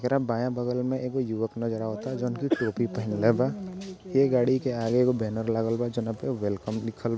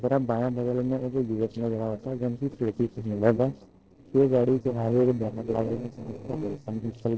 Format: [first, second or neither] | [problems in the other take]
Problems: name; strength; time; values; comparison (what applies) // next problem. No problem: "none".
first | noise reduction (neural separator model SepFormer DNS4)